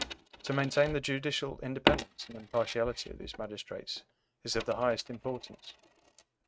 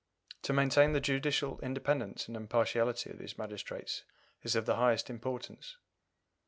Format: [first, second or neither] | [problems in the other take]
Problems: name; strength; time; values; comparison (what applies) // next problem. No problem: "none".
second | noise reduction (neural mask model RNNoise)